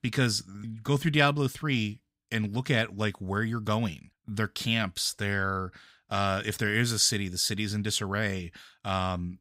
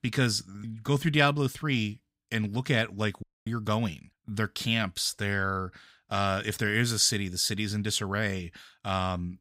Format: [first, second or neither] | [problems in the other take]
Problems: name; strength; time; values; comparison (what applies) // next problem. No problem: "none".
first | audio cutting out; at 3 s